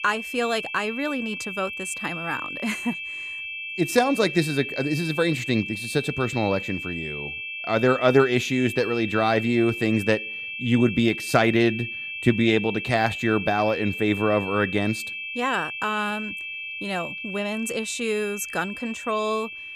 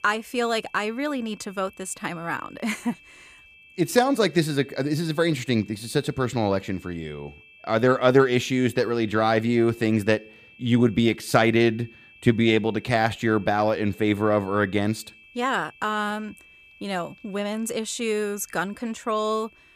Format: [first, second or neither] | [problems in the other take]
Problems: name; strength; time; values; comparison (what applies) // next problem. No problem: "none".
second | high-pitched whine; loud; throughout; 2.5 kHz, 7 dB below the speech; faint in the second